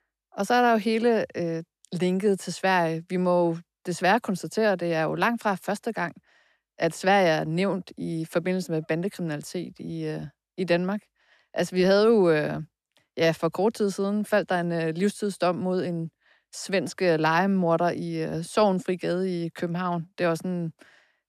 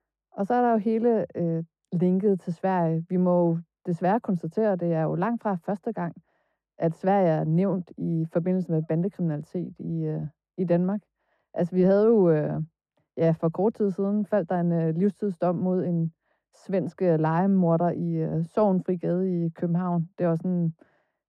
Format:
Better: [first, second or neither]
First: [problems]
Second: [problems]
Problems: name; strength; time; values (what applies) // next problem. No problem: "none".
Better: first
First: none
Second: muffled; very; fading above 1.5 kHz